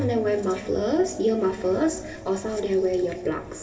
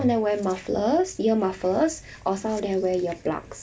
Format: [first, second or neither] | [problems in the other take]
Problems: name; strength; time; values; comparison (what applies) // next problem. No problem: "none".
second | room echo; dies away in 2.4 s